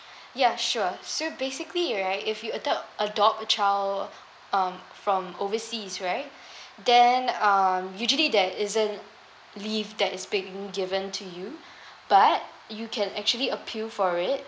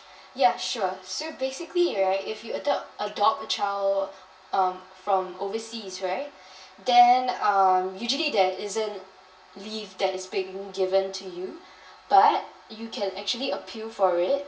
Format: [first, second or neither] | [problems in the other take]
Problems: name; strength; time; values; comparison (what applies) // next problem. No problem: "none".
first | room echo; dies away in 0.1 s